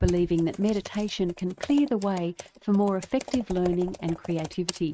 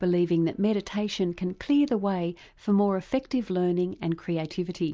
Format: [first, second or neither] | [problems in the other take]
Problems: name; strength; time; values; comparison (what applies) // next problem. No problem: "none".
second | noise reduction (neural mask model RNNoise)